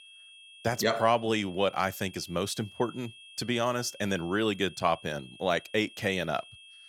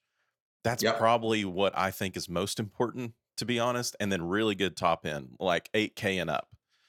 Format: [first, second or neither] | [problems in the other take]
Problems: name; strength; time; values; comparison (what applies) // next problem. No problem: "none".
second | high-pitched whine; noticeable; throughout; 3 kHz, 20 dB below the speech